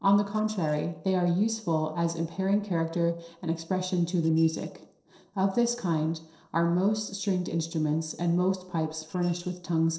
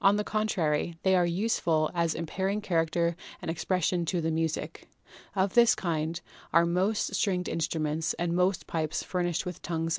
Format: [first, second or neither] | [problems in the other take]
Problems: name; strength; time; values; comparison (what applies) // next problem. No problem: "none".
second | noise reduction (neural separator model SepFormer DNS4)